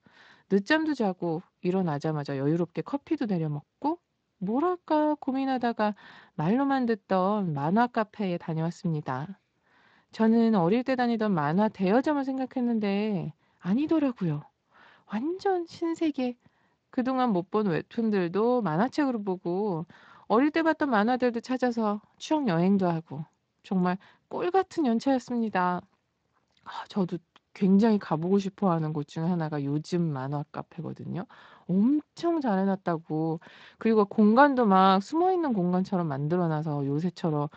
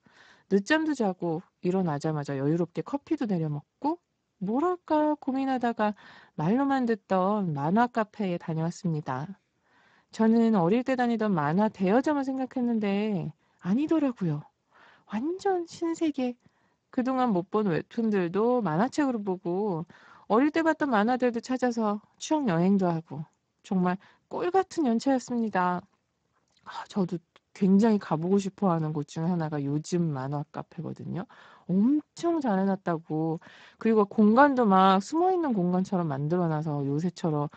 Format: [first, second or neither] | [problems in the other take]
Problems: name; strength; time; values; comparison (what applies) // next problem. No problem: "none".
first | garbled, watery; badly; nothing above 7.5 kHz; slightly in the first